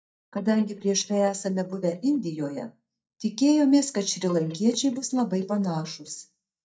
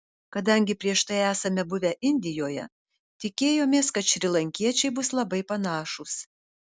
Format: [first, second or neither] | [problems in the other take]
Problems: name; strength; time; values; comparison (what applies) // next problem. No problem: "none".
second | noise reduction (neural mask model DeepFilterNet 3)